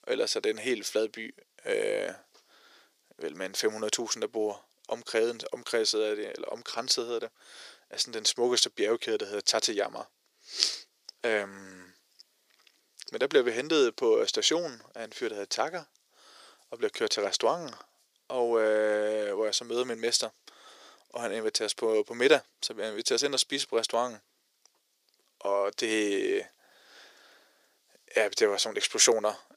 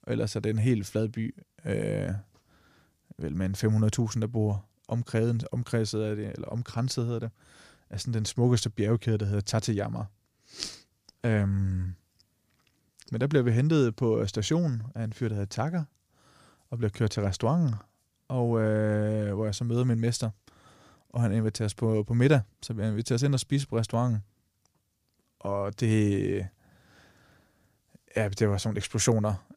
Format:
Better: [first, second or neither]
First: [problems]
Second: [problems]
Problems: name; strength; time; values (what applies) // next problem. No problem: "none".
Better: second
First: thin; very; fading below 400 Hz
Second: none